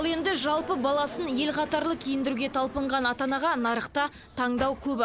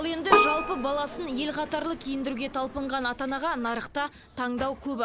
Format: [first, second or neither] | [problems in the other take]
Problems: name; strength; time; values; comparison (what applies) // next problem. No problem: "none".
first | background sound (Keyboard (musical)); as loud as the speech